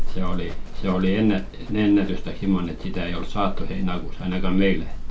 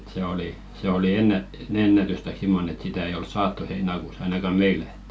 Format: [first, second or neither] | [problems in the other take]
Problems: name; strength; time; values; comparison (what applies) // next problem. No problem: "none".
second | background sound (Livestock, farm animals, working animals); as loud as the speech